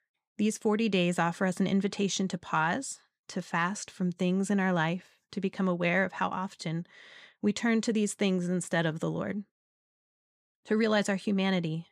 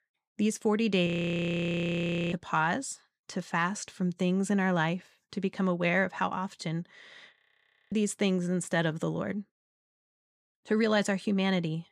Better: first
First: none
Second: audio freezing; at 1 s for 1 s and at 7.5 s for 0.5 s

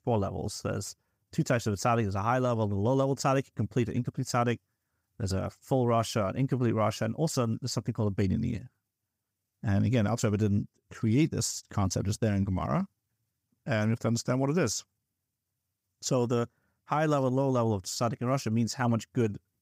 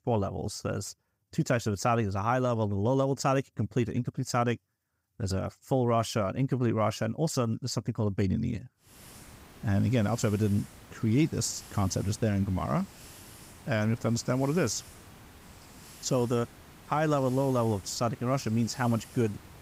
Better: first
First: none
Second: hiss; noticeable; from 9 s on; 20 dB below the speech

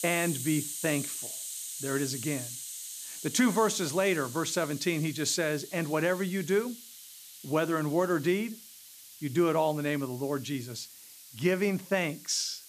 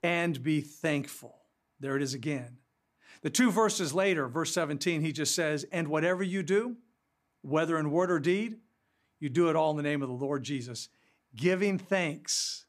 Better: second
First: hiss; noticeable; throughout; 10 dB below the speech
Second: none

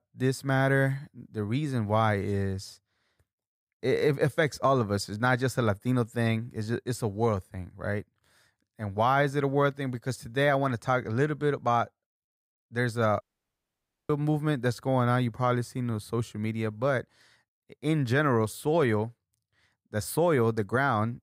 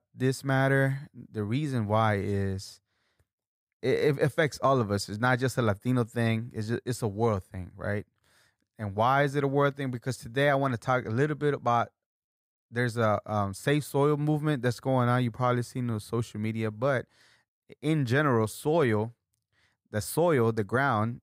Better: second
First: audio cutting out; at 13 s for 1 s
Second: none

